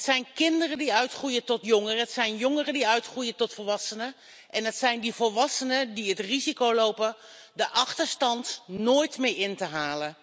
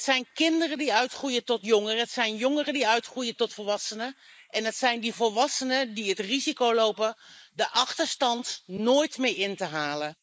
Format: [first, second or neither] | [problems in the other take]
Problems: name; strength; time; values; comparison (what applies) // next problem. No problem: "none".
first | noise reduction (neural mask model Resemble Enhance denoiser)